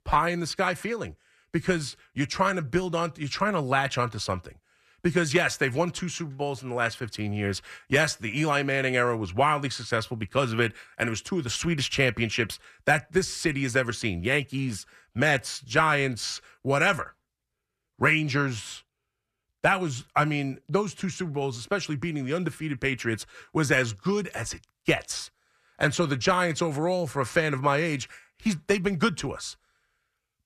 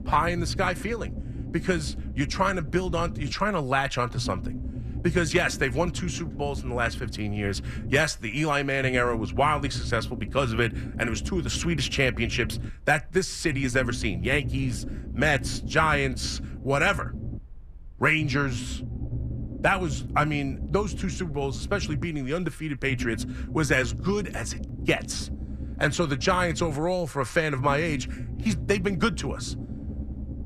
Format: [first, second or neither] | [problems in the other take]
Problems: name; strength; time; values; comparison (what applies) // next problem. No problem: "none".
first | low rumble; noticeable; throughout; 20 dB below the speech